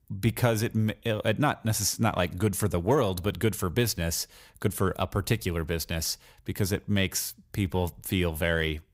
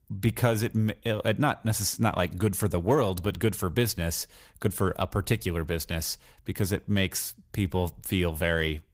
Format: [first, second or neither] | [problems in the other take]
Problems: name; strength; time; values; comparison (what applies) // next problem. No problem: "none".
first | garbled, watery; slightly; nothing above 15.5 kHz